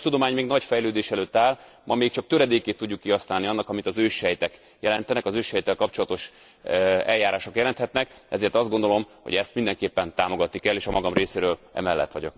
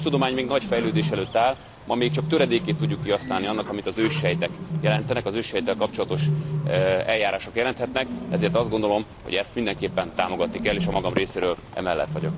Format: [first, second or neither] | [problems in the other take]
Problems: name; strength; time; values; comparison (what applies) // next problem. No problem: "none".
first | background sound (Bird); 5 dB below the speech